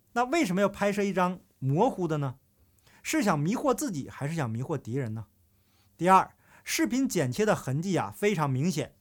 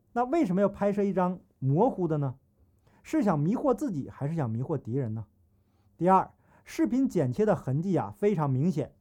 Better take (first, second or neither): first